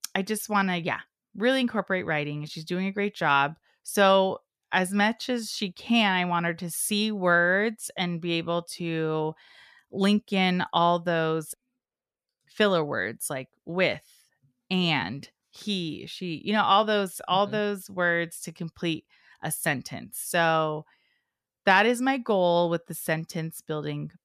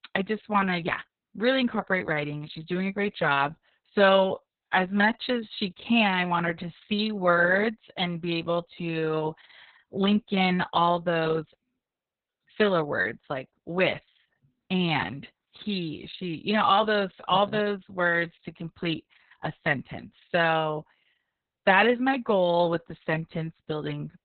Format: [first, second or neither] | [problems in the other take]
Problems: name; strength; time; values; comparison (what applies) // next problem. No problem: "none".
first | garbled, watery; badly; nothing above 4 kHz